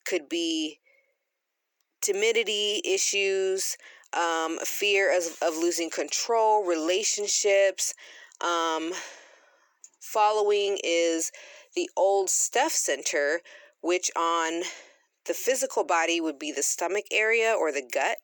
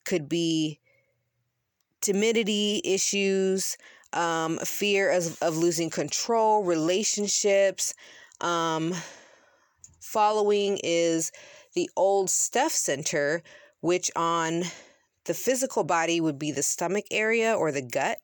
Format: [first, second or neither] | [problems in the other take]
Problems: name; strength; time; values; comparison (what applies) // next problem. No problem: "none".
second | thin; very; fading below 350 Hz